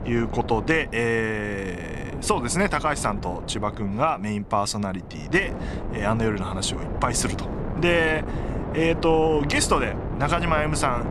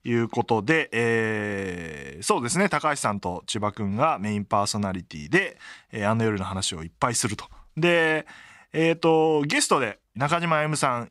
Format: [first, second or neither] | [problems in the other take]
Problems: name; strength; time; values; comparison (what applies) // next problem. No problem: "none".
second | wind noise on the microphone; occasional gusts; 10 dB below the speech